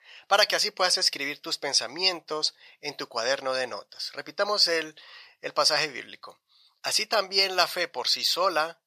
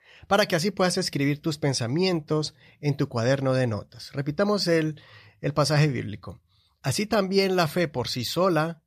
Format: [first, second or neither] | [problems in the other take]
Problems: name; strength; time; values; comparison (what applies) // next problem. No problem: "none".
second | thin; very; fading below 750 Hz